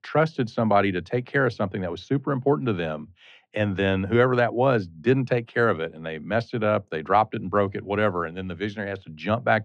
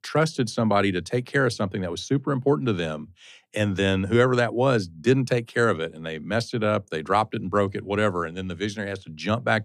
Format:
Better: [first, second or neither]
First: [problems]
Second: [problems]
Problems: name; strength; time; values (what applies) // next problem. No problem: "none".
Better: second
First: muffled; slightly; fading above 2.5 kHz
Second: none